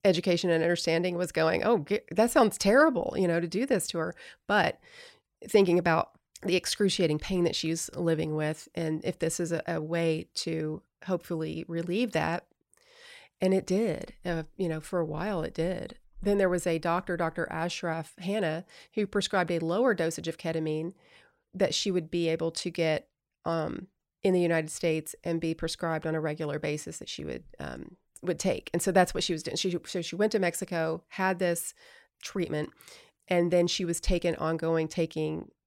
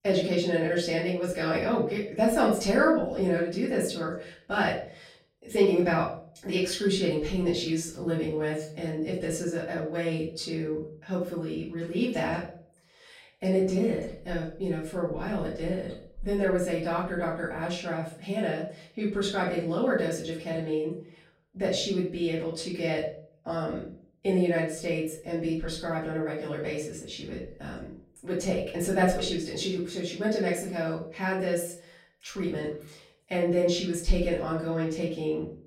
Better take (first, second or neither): first